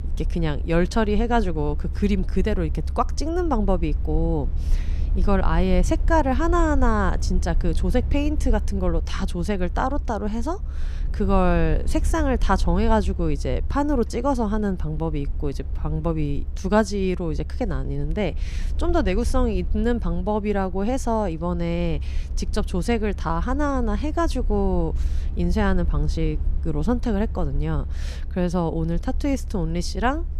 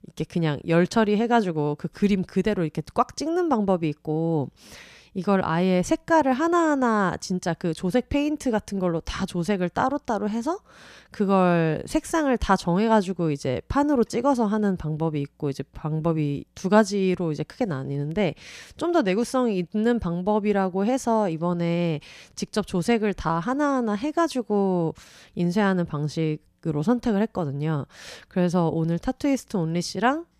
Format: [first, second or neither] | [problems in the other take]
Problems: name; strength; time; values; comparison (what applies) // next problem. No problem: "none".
second | low rumble; faint; throughout; 20 dB below the speech